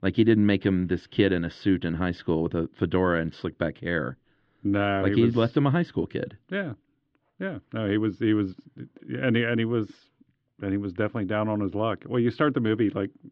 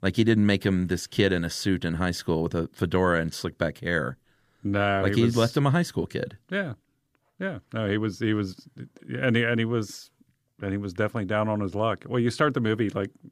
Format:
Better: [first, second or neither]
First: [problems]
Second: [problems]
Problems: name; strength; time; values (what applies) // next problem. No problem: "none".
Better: second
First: muffled; slightly; fading above 3 kHz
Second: none